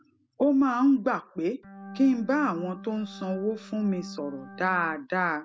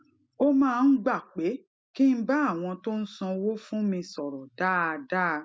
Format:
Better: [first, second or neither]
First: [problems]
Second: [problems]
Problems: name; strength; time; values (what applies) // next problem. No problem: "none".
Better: second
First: background sound (Organ); 16 dB below the speech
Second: none